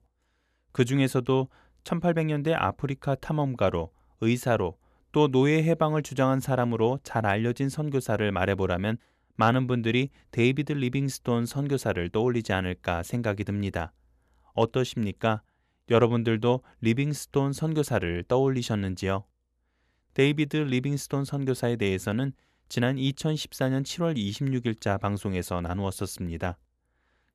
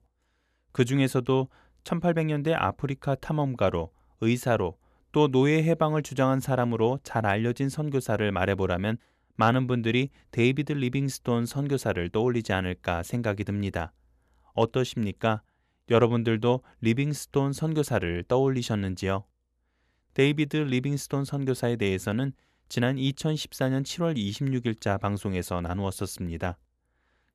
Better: neither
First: none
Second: none

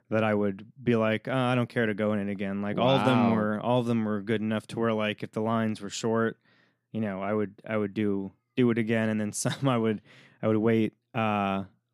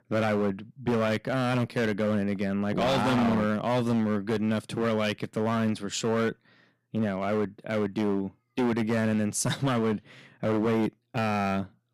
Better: first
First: none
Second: distortion; heavy; 12% of the sound clipped

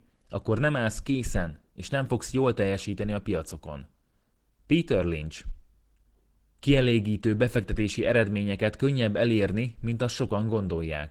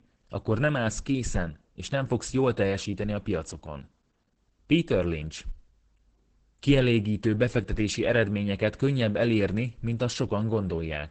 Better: first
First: garbled, watery; slightly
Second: garbled, watery; badly; nothing above 8 kHz

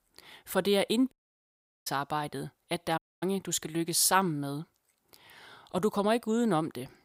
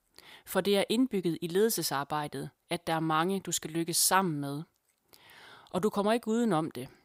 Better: second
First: audio cutting out; at 1 s for 0.5 s and at 3 s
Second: none

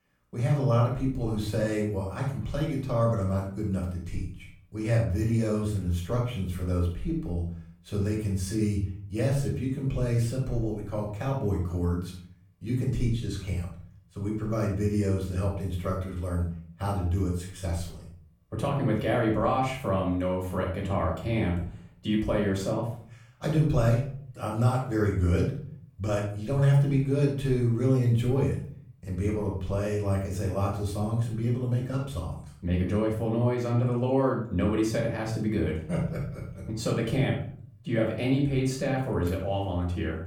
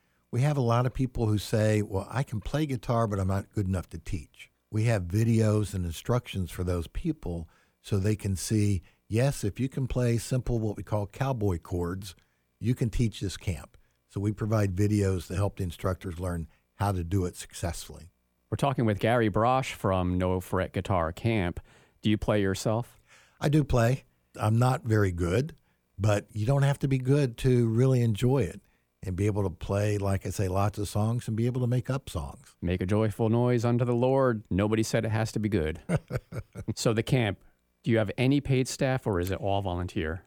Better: second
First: off-mic speech; far // room echo; noticeable; dies away in 0.4 s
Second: none

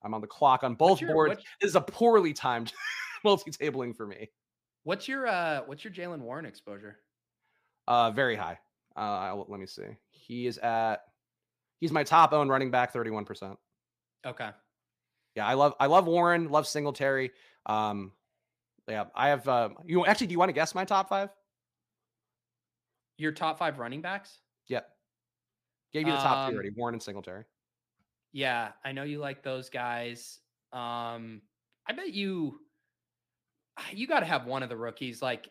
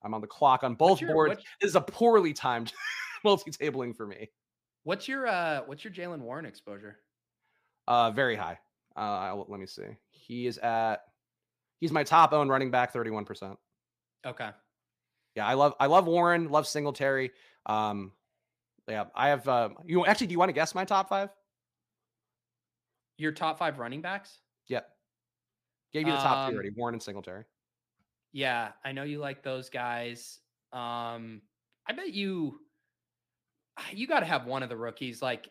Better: neither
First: none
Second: none

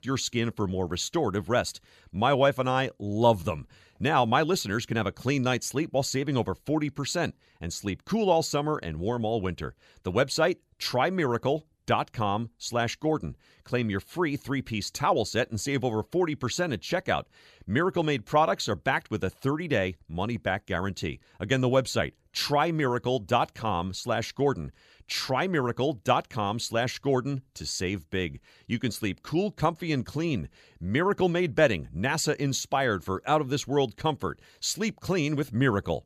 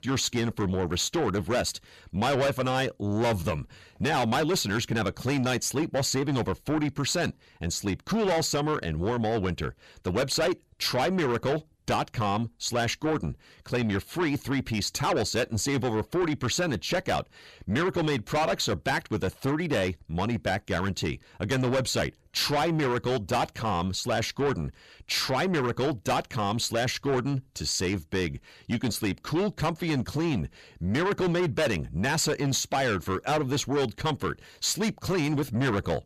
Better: first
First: none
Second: distortion; heavy; 6 dB below the speech

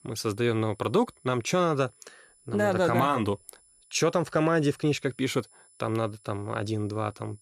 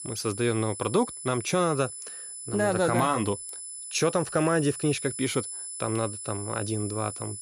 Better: first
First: high-pitched whine; faint; throughout; 10 kHz, 30 dB below the speech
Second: high-pitched whine; loud; throughout; 10 kHz, 8 dB below the speech

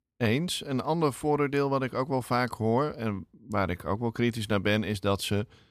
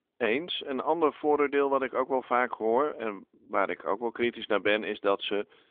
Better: first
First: none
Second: phone-call audio; nothing above 3.5 kHz

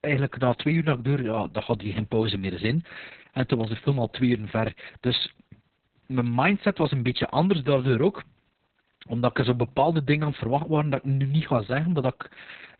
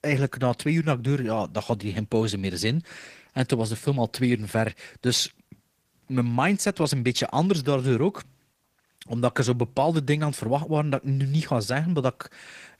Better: second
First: garbled, watery; badly; nothing above 4 kHz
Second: garbled, watery; slightly

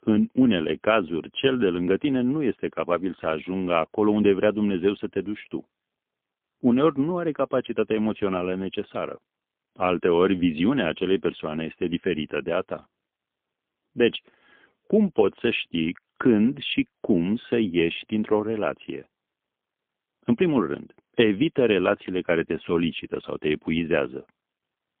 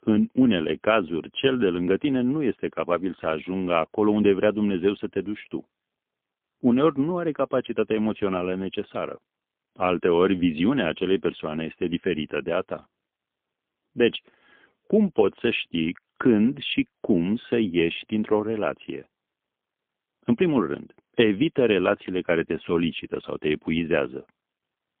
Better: neither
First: phone-call audio; poor line; nothing above 3.5 kHz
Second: phone-call audio; poor line; nothing above 3.5 kHz

